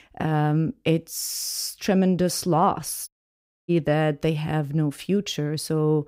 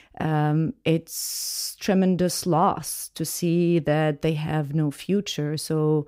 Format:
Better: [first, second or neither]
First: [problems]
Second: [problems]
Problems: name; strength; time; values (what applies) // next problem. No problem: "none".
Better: second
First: audio cutting out; at 3 s for 0.5 s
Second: none